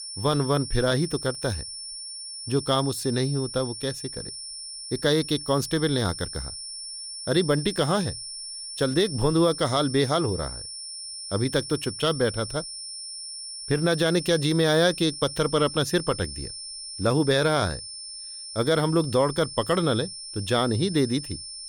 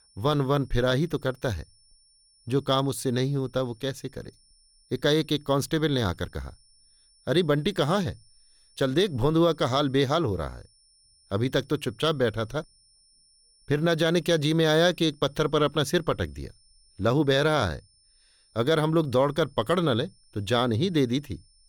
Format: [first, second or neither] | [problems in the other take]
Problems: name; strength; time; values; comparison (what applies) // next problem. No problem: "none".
second | high-pitched whine; loud; throughout; 5.5 kHz, 9 dB below the speech; faint in the second